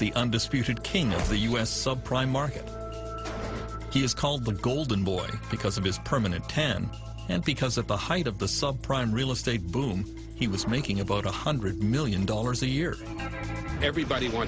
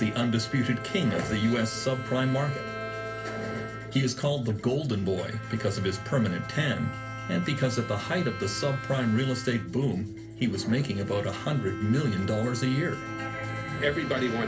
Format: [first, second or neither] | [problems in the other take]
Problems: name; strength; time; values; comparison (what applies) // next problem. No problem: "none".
first | background sound (Bowed string instrument); 13 dB below the speech // room echo; dies away in 0.3 s